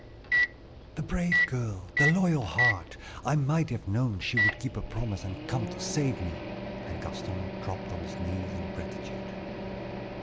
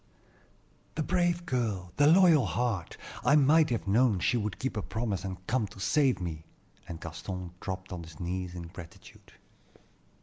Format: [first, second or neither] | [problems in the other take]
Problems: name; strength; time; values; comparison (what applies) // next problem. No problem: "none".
second | background sound (Microwave oven); 1 dB below the speech